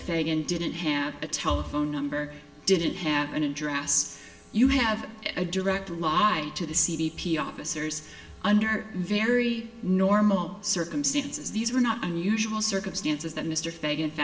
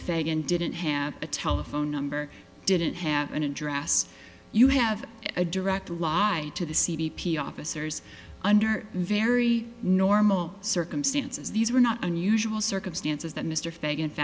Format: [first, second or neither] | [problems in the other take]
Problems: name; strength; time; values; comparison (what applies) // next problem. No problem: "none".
second | room echo; dies away in 0.8 s